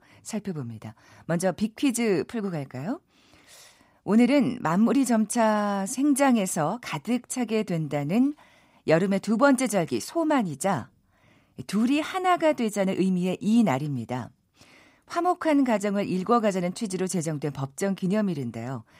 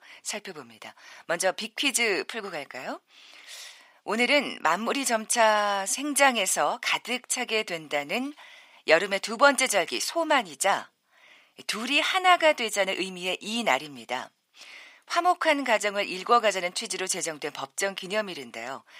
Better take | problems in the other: first | thin; somewhat; fading below 600 Hz

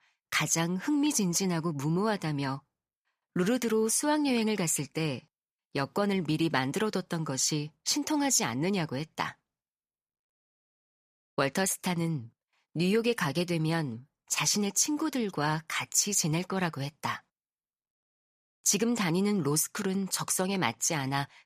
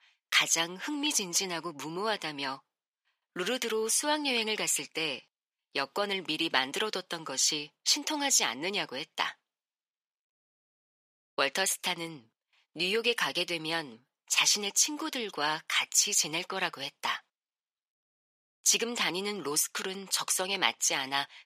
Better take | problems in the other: first | thin; somewhat; fading below 400 Hz

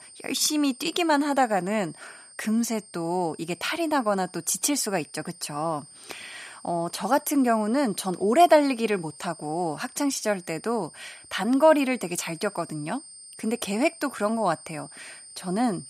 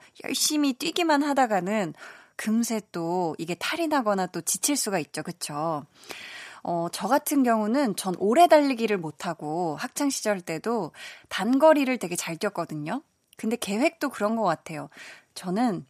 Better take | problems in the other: second | high-pitched whine; noticeable; throughout; 8.5 kHz, 20 dB below the speech

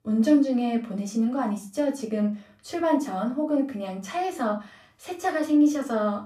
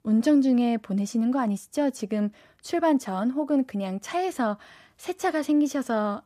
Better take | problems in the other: second | off-mic speech; somewhat distant // room echo; very slight; dies away in 0.3 s

